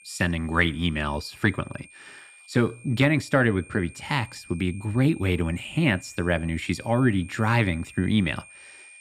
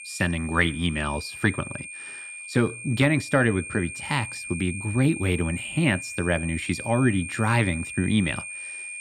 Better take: first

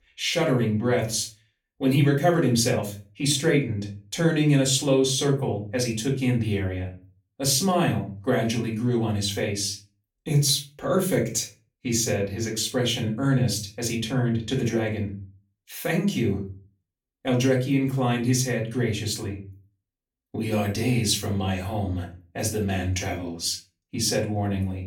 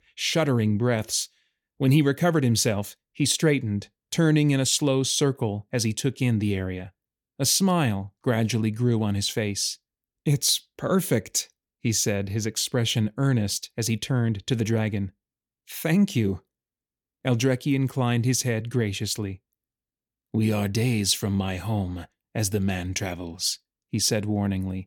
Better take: second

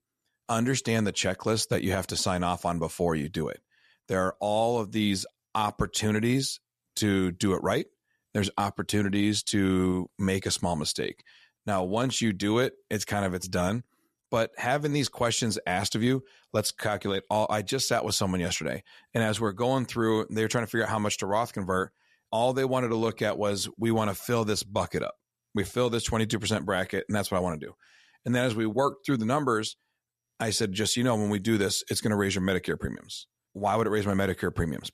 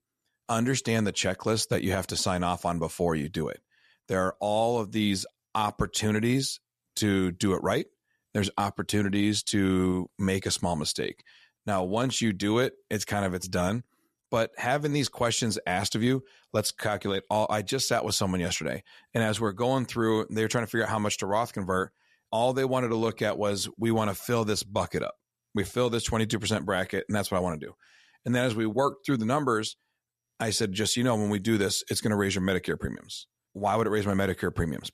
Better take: neither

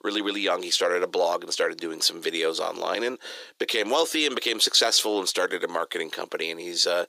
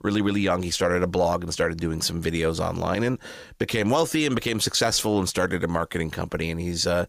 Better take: second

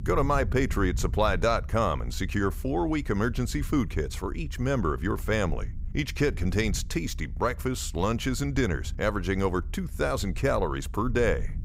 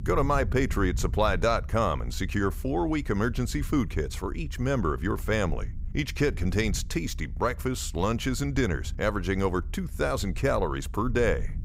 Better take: neither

